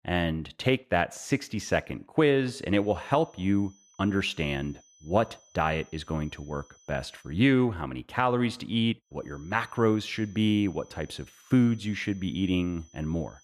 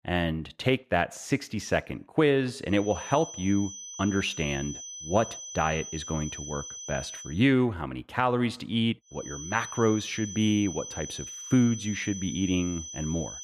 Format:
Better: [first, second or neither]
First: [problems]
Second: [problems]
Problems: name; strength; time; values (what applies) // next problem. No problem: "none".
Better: first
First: high-pitched whine; faint; from 3 to 7.5 s and from 9 s on; 6 kHz, 30 dB below the speech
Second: high-pitched whine; loud; from 3 to 7.5 s and from 9 s on; 6 kHz, 10 dB below the speech